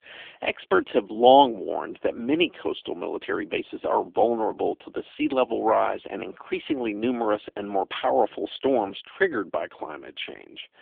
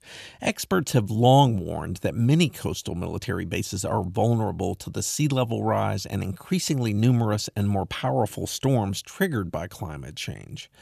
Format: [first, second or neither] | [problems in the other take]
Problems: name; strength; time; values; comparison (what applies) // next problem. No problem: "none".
second | phone-call audio; poor line; nothing above 3.5 kHz